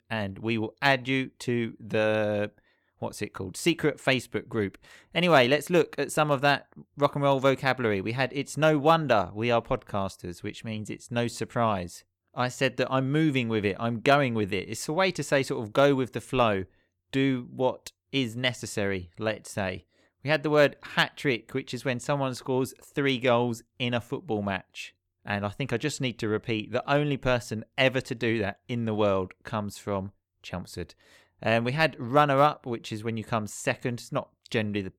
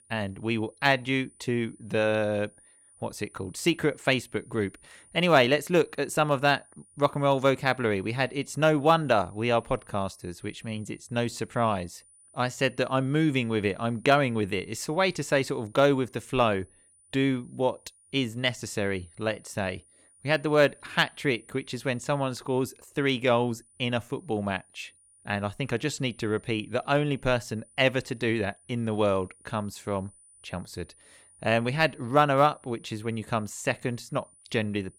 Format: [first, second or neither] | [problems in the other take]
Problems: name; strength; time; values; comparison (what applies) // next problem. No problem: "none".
first | high-pitched whine; faint; throughout; 9.5 kHz, 30 dB below the speech